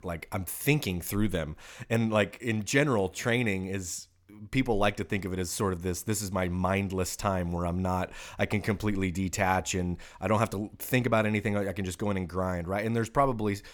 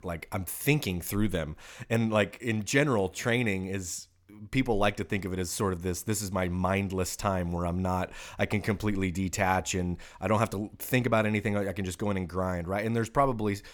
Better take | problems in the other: neither | none

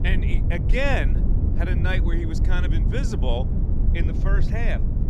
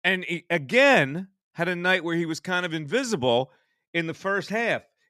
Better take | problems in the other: second | low rumble; loud; throughout; 7 dB below the speech

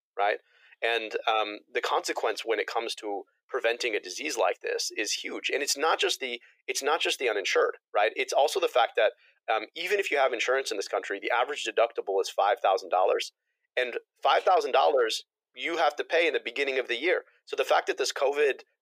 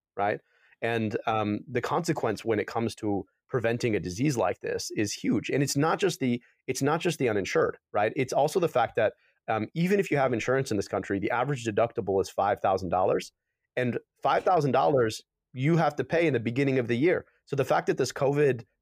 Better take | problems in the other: second | thin; very; fading below 400 Hz

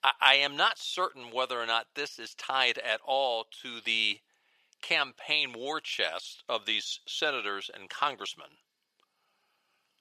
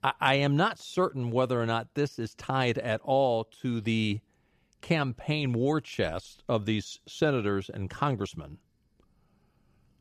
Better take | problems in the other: second | thin; very; fading below 800 Hz

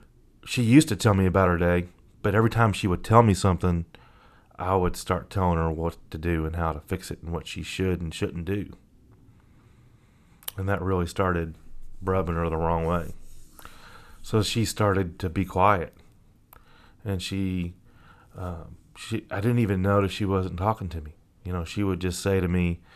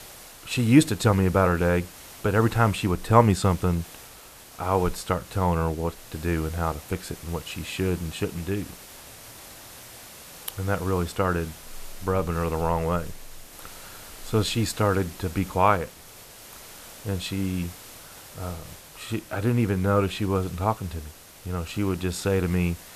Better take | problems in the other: first | hiss; noticeable; throughout; 20 dB below the speech

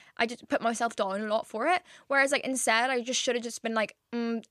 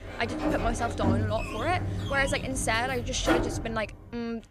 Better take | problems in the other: first | door banging; loud; until 4 s; peak 4 dB above the speech

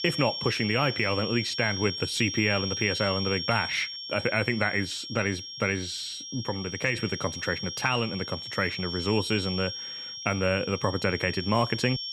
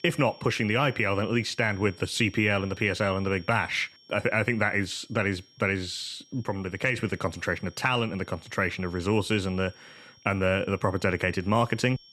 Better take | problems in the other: second | high-pitched whine; loud; throughout; 5.5 kHz, 5 dB below the speech; faint in the second

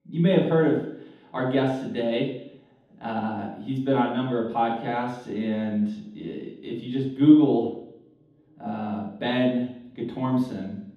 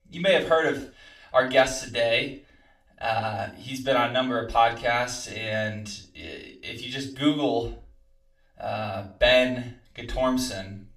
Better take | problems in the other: second | room echo; strong; dies away in 0.9 s; slight in the second // off-mic speech; far; far in the second

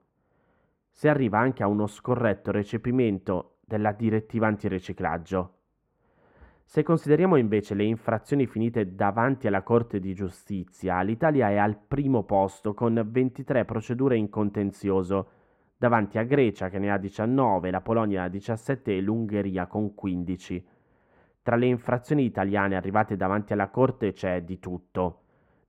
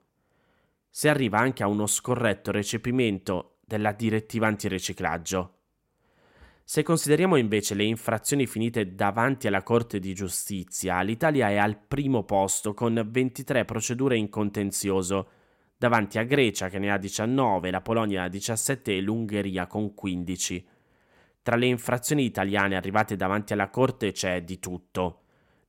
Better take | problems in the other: second | muffled; very; fading above 3 kHz

